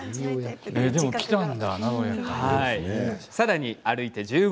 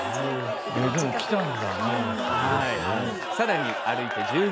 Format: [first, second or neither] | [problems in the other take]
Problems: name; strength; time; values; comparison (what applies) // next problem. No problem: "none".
first | background sound (Crowd / Cheering); 1 dB below the speech